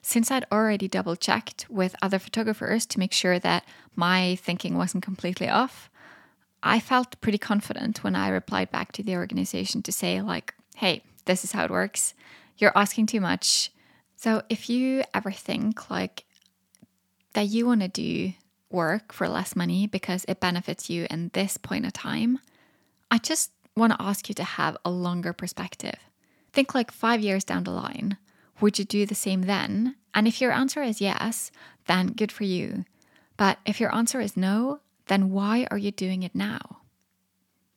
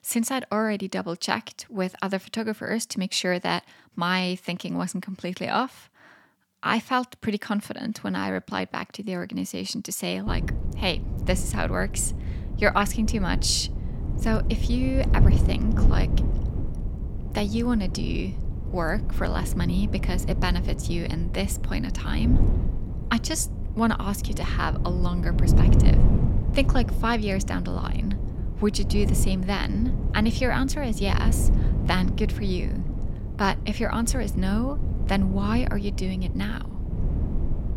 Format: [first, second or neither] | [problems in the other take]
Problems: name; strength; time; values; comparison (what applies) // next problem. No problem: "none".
first | wind noise on the microphone; occasional gusts; from 10 s on; 10 dB below the speech